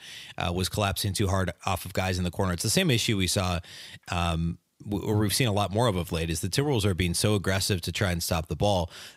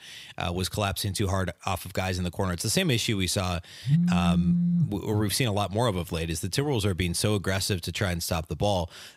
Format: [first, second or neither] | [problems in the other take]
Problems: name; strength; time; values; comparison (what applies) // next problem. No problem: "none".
first | phone ringing; loud; from 4 to 5 s; peak 4 dB above the speech